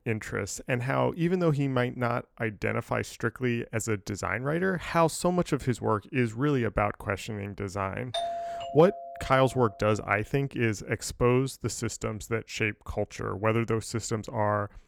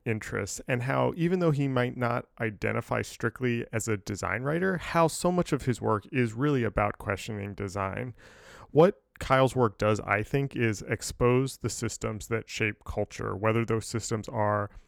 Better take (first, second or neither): second